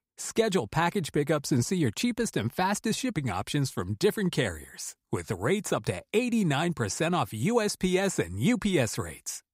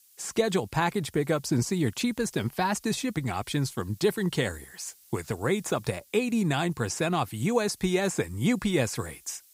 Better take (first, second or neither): first